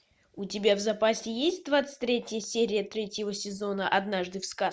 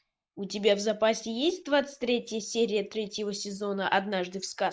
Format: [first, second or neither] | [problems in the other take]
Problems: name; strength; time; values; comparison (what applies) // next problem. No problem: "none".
first | noise reduction (neural mask model Resemble Enhance denoiser)